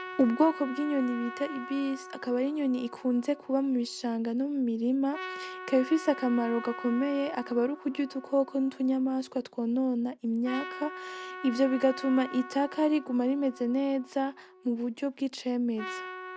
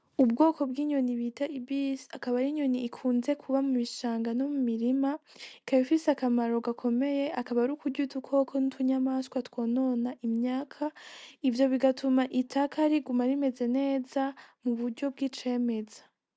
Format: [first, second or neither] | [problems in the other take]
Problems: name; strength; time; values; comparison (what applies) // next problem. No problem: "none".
second | background sound (Trumpet); 14 dB below the speech